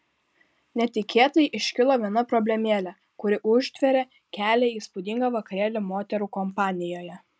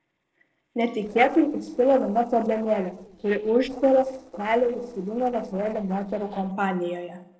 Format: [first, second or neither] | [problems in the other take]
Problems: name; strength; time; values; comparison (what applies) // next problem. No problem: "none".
first | noise reduction (neural separator model SepFormer DNS4)